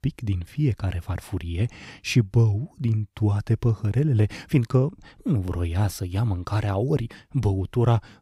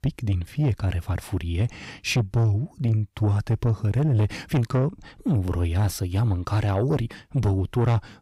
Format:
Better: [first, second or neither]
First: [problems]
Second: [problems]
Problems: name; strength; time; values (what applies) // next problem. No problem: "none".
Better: first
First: none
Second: distortion; slight; 10 dB below the speech